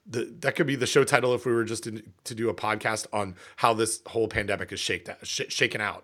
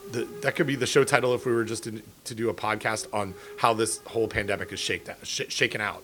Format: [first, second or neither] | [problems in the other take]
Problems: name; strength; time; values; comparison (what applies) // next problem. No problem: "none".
first | hiss; noticeable; throughout; 20 dB below the speech